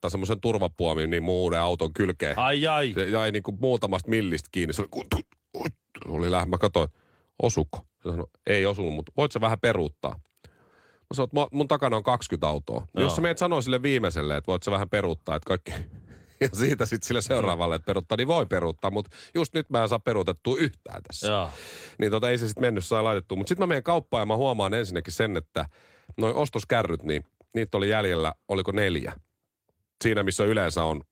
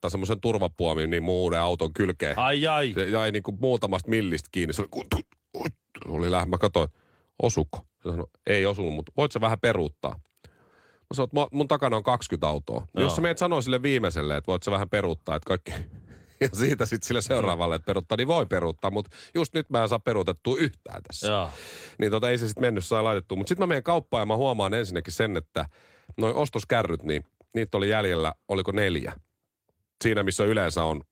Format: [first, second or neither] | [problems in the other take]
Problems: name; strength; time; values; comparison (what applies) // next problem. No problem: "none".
neither | garbled, watery; slightly; nothing above 16 kHz; the same in both